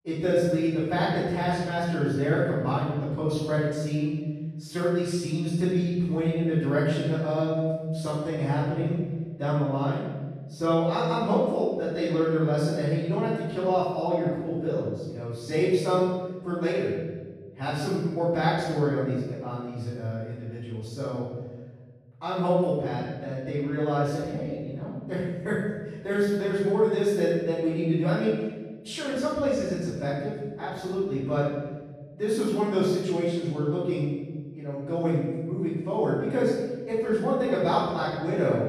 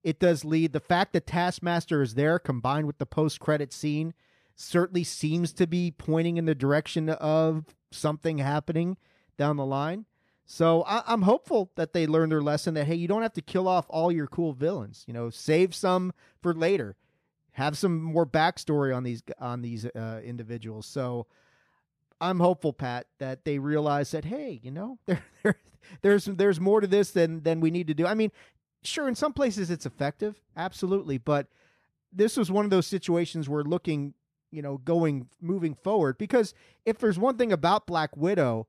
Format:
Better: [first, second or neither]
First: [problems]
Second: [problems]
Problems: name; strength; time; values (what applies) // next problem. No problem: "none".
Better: second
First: room echo; strong; dies away in 1.4 s // off-mic speech; far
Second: none